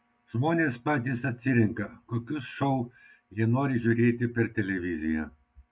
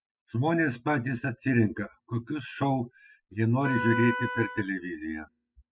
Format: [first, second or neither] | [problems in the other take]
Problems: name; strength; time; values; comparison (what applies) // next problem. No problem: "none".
first | noise reduction (classical method spectral subtraction)